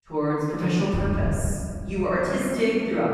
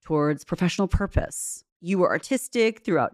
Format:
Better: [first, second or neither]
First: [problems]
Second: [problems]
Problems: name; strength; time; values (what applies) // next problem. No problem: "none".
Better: second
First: off-mic speech; far // room echo; strong; dies away in 2.2 s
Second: none